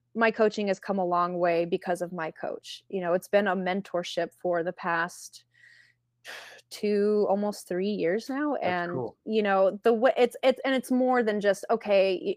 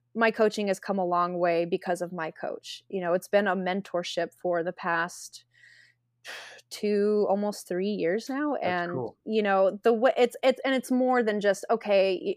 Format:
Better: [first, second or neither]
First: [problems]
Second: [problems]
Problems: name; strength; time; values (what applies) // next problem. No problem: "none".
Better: second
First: garbled, watery; slightly; nothing above 15 kHz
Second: none